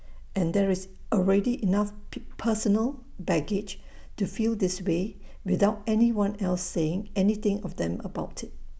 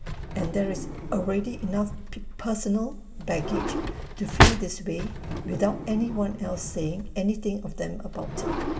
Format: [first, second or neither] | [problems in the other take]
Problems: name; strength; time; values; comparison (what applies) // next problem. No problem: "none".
first | background sound (Drawer open or close); 1 dB below the speech // room echo; dies away in 1.9 s